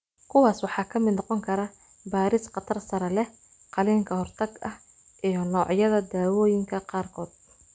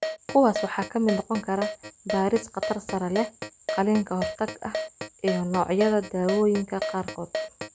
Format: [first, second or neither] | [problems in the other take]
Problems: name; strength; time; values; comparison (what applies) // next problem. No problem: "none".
first | background sound (Keyboard (musical)); 7 dB below the speech